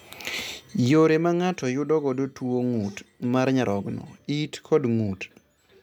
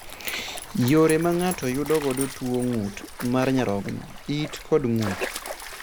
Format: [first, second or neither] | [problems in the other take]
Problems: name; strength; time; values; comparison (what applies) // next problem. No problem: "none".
first | background sound (Stream); 11 dB below the speech